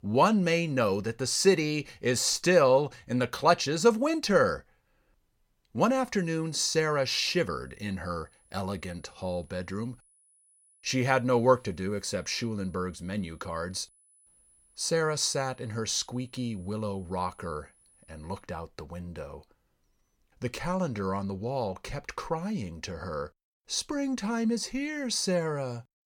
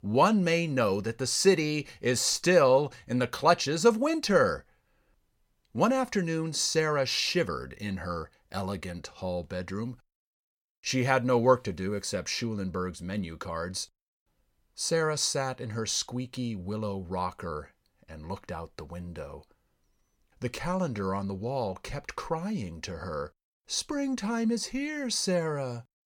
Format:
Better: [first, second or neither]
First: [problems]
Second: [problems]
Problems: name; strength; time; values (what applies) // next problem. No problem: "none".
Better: second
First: high-pitched whine; faint; from 6 to 18 s; 10 kHz, 30 dB below the speech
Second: none